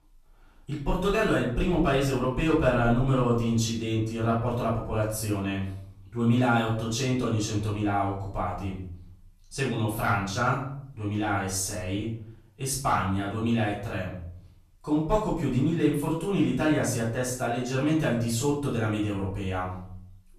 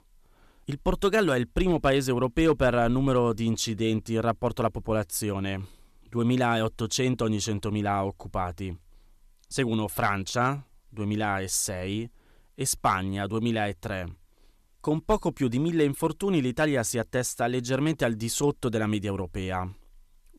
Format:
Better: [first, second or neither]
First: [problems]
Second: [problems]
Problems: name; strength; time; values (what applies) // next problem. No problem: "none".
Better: second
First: off-mic speech; far // room echo; noticeable; dies away in 0.6 s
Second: none